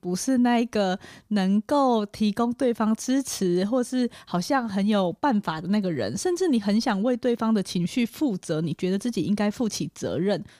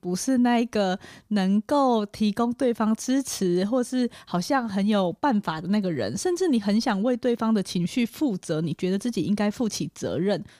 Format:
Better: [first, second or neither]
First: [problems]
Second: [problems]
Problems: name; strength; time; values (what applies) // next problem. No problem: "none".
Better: neither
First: none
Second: none